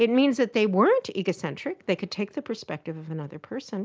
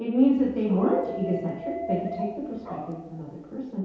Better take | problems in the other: first | background sound (Dog); 10 dB below the speech // room echo; dies away in 0.8 s

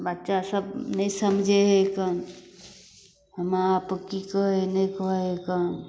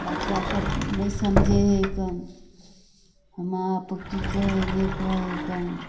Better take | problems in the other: first | background sound (Sliding door); 2 dB below the speech // room echo; dies away in 0.3 s

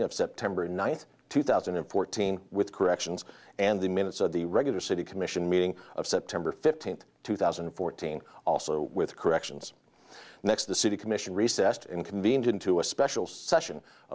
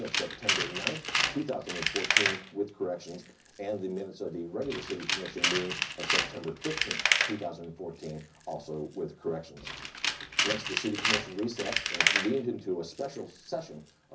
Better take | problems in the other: first | background sound (Tools); 3 dB above the speech // room echo; dies away in 0.4 s

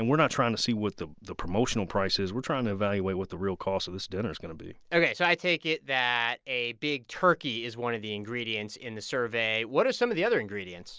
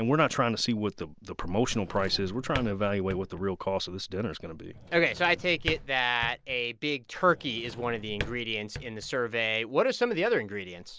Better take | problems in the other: first | background sound (Drawer open or close); 13 dB below the speech

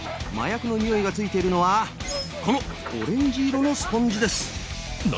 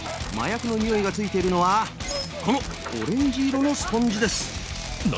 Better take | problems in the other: first | background sound (Fireworks); 18 dB below the speech

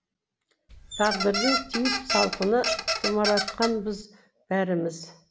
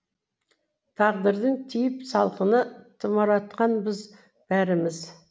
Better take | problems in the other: second | background sound (Squeak); 2 dB below the speech

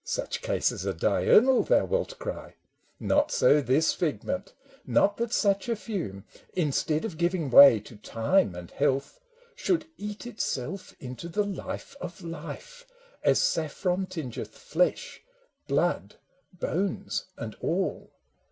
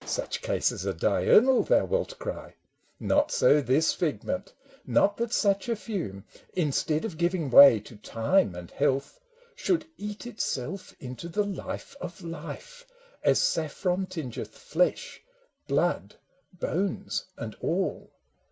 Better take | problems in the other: first | background sound (Gunshot, gunfire); 20 dB below the speech

